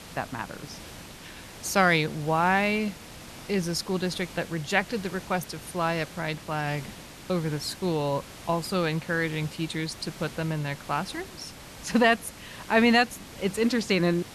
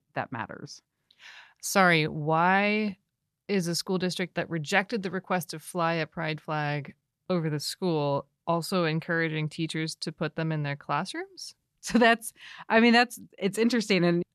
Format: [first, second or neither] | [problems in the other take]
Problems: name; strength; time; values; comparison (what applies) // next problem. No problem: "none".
second | hiss; noticeable; throughout; 15 dB below the speech